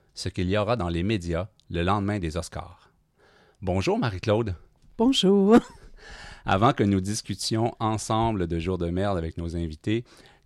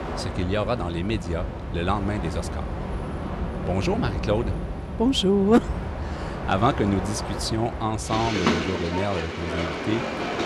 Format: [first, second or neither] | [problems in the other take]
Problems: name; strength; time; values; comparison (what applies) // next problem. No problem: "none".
first | train or aircraft noise; loud; throughout; 5 dB below the speech